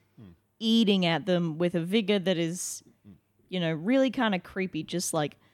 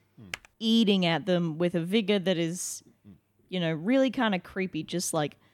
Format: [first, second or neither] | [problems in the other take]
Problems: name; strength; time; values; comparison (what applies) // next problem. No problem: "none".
first | keyboard typing; very faint; at 0.5 s; peak 15 dB below the speech